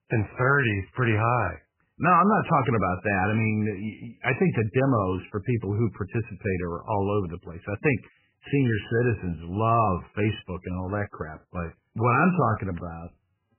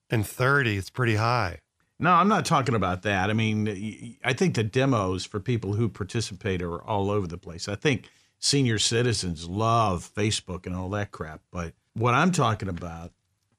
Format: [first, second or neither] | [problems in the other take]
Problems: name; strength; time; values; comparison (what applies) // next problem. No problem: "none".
second | garbled, watery; badly; nothing above 2.5 kHz